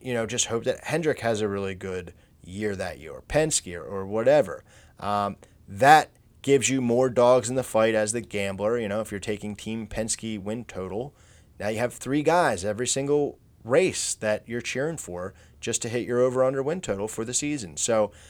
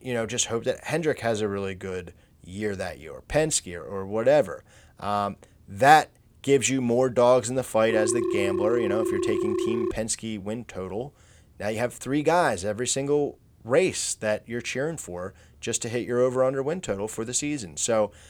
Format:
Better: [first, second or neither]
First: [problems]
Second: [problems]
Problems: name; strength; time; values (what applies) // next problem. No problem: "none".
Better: first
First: none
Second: phone ringing; noticeable; from 8 to 10 s; peak 1 dB below the speech